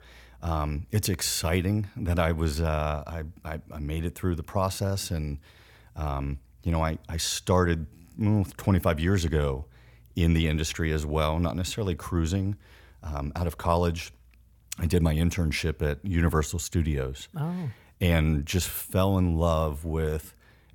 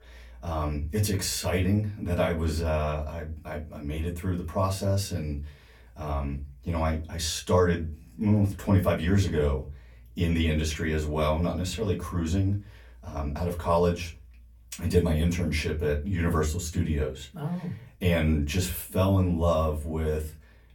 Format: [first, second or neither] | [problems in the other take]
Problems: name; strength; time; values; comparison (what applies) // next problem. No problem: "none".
first | off-mic speech; far // room echo; very slight; dies away in 0.2 s